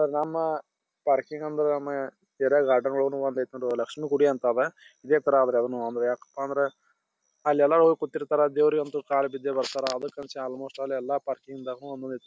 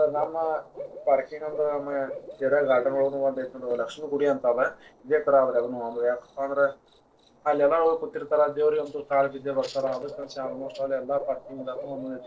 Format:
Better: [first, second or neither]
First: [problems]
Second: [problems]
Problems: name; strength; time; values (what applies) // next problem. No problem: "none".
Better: first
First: none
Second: noise reduction (neural separator model SepFormer DNS4)